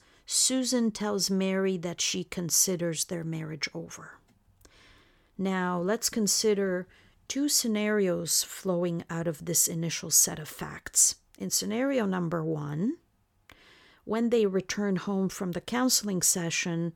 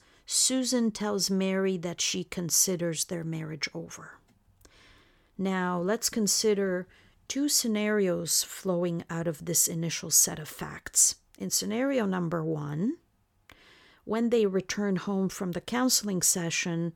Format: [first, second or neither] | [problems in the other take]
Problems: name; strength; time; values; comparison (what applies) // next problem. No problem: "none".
neither | none